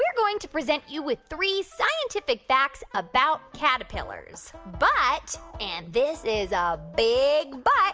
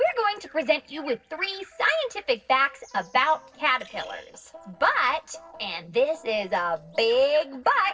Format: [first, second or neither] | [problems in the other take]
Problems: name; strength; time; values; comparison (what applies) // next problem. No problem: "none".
first | noise reduction (neural separator model SepFormer DNS4)